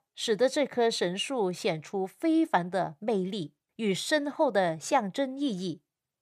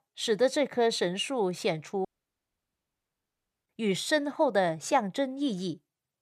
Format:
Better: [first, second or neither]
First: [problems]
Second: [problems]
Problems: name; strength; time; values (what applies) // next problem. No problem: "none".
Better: first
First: none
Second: audio cutting out; at 2 s for 1.5 s